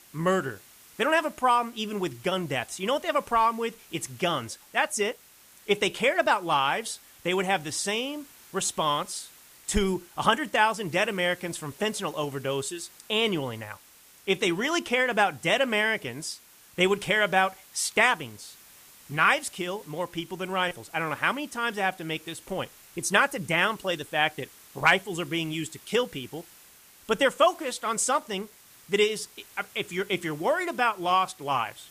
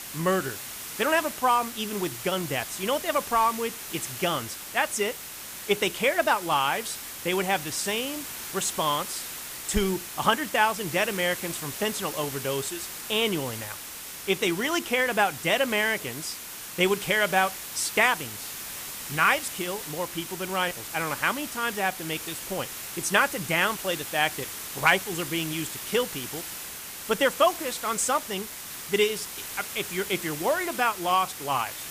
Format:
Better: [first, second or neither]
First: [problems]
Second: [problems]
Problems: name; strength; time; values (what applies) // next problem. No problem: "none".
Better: first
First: hiss; faint; throughout; 25 dB below the speech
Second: hiss; loud; throughout; 8 dB below the speech